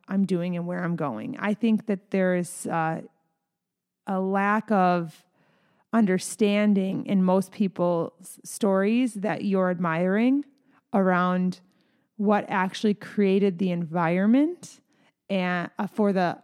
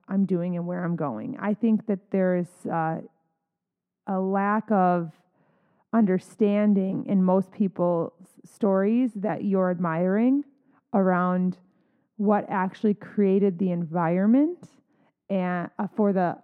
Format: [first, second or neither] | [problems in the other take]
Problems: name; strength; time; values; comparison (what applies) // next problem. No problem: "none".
first | muffled; very; fading above 2.5 kHz